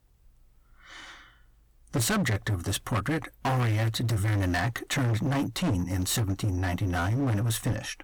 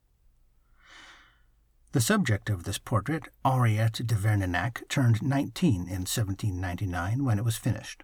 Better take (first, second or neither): second